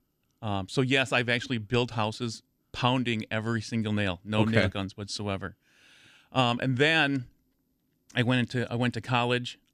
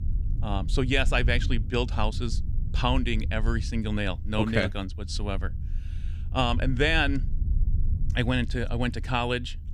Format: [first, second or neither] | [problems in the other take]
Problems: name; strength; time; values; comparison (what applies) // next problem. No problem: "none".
first | low rumble; faint; throughout; 20 dB below the speech